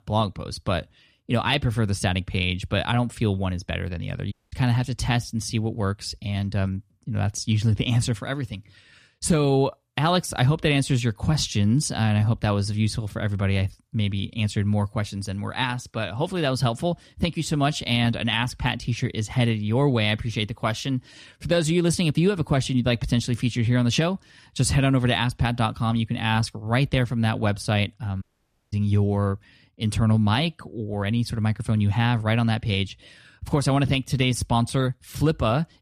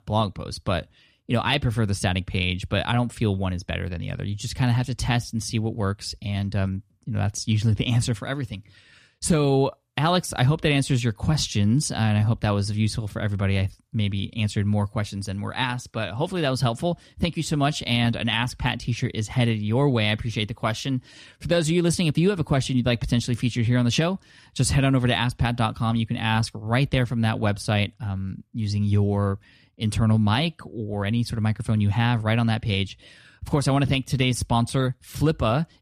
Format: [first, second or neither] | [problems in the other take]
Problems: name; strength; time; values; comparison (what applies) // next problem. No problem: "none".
second | audio cutting out; at 4.5 s and at 28 s for 0.5 s